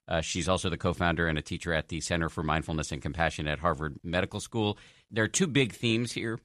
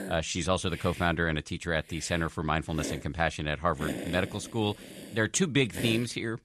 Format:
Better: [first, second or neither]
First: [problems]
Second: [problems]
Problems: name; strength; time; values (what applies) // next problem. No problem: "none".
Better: first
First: none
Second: hiss; noticeable; throughout; 10 dB below the speech